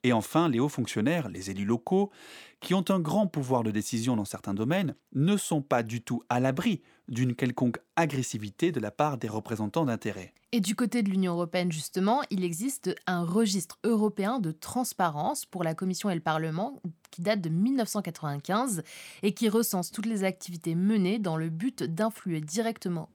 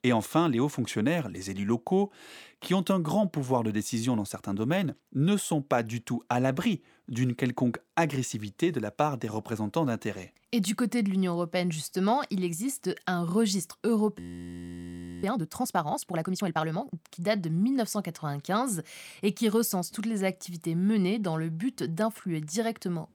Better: first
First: none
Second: audio freezing; at 14 s for 1 s

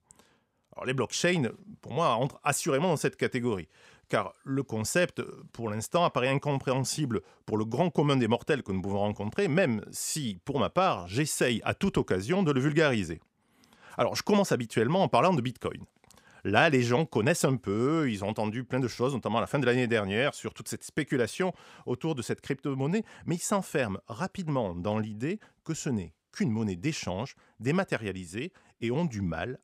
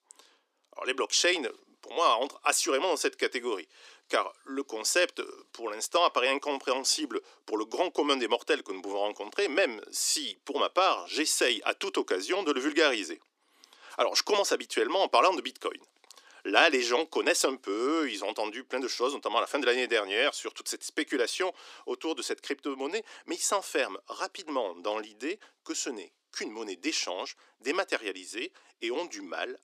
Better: first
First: none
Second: thin; somewhat; fading below 300 Hz

